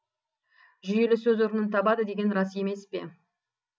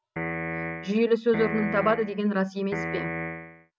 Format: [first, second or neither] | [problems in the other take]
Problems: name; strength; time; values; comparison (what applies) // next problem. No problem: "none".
first | background sound (Piano); 6 dB below the speech